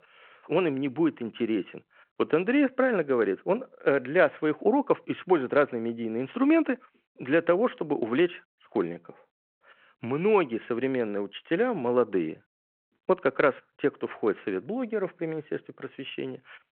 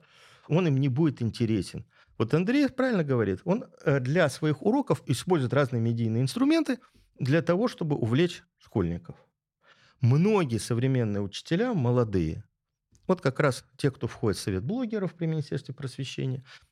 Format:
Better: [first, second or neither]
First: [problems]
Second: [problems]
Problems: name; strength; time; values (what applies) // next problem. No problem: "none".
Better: second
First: phone-call audio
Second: none